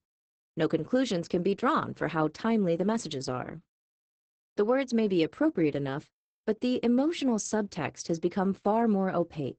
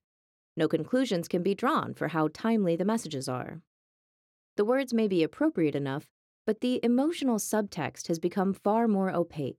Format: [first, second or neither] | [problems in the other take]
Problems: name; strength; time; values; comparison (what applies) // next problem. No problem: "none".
second | garbled, watery; badly; nothing above 8 kHz